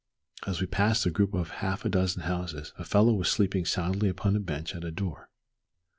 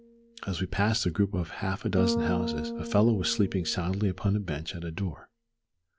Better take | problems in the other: first | background sound (Bass guitar); 8 dB below the speech

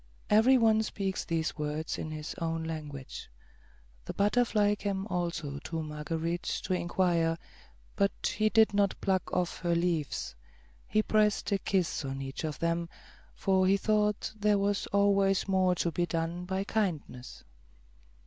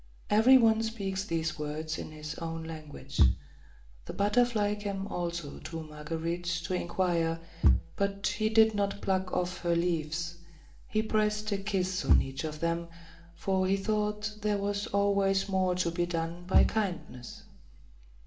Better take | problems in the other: first | background sound (Bass drum / Thump, thud); 5 dB below the speech // room echo; dies away in 1.7 s

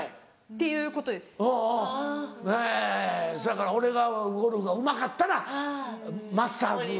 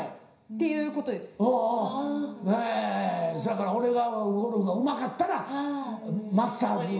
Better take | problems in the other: first | room echo; dies away in 0.5 s

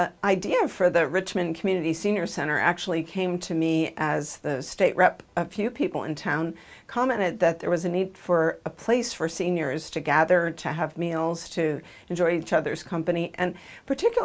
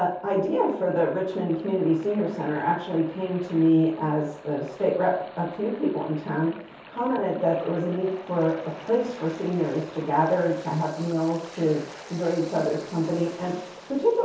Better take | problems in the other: first | background sound (Waves, surf); 19 dB below the speech // room echo; dies away in 0.6 s

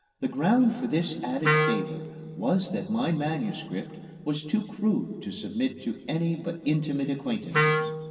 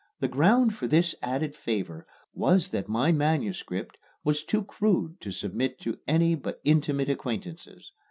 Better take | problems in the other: second | background sound (Wind instrument, woodwind instrument); 4 dB below the speech // room echo; dies away in 2.1 s

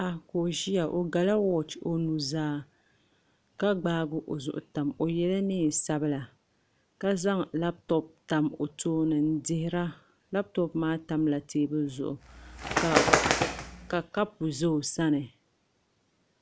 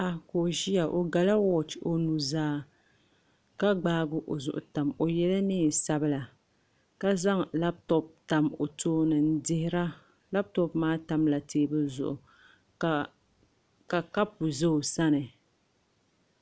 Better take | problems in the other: second | background sound (Bird); 1 dB above the speech

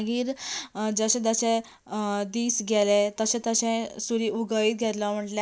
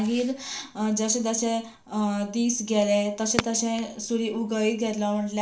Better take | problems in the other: first | background sound (Fireworks); 16 dB below the speech // room echo; dies away in 0.4 s

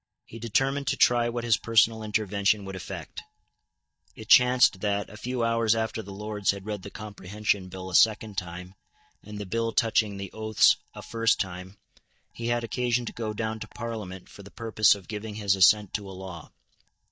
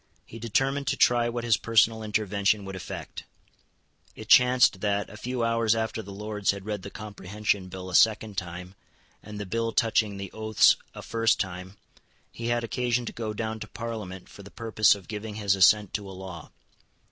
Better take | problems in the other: second | noise reduction (neural mask model DeepFilterNet 3)

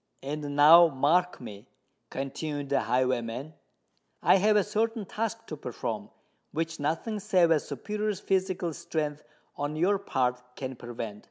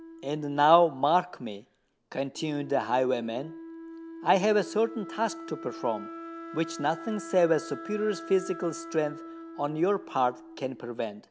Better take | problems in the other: first | background sound (Wind instrument, woodwind instrument); 14 dB below the speech

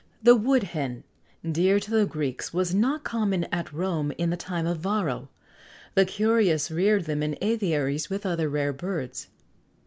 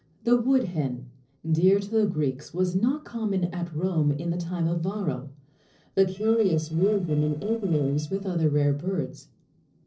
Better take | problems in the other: first | noise reduction (neural separator model SepFormer DNS4)

